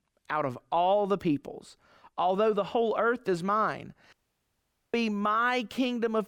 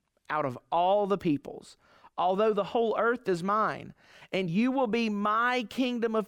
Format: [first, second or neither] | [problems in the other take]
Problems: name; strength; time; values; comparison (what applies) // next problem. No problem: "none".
second | audio cutting out; at 4 s for 1 s